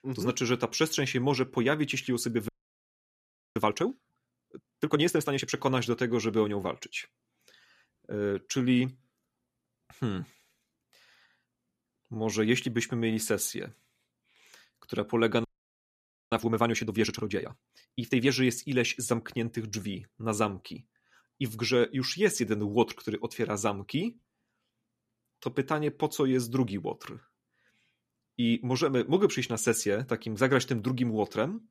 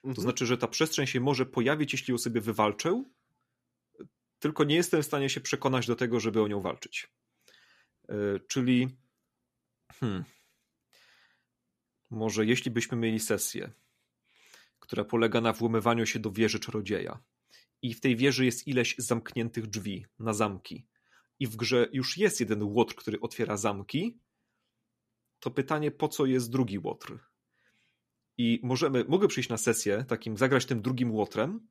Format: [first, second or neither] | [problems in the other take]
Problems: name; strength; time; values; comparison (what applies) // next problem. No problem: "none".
second | audio freezing; at 2.5 s for 1 s and at 15 s for 1 s